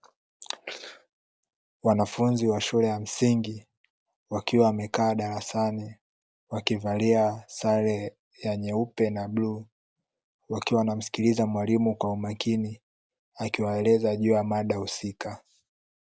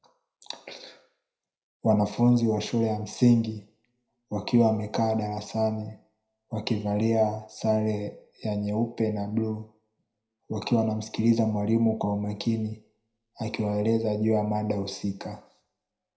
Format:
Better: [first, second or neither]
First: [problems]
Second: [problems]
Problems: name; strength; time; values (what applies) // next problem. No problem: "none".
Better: first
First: none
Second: room echo; dies away in 0.5 s